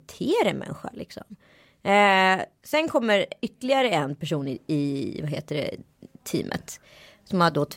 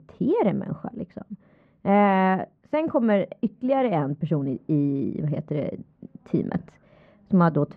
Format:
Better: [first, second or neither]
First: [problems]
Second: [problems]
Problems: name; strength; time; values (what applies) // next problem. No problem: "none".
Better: first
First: none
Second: muffled; very; fading above 1.5 kHz